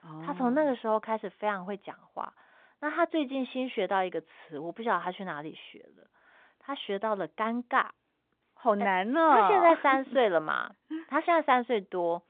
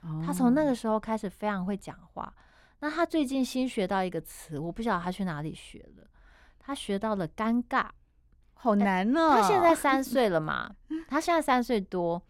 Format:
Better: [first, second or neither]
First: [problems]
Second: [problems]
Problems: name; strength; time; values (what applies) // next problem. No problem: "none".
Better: second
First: phone-call audio; nothing above 3.5 kHz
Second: none